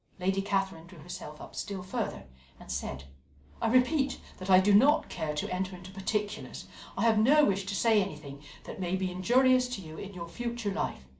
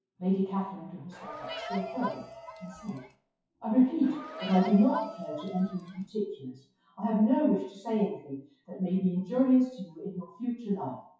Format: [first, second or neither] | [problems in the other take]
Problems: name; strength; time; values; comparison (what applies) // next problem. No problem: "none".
first | noise reduction (classical method WPE with log-MMSE)